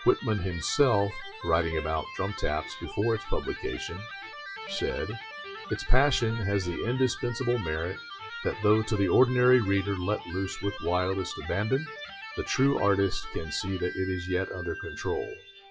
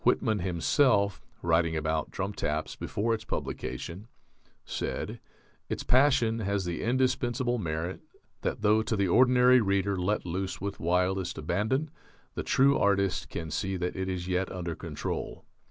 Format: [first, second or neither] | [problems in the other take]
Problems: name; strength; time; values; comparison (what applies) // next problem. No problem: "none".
second | noise reduction (classical method WPE with log-MMSE)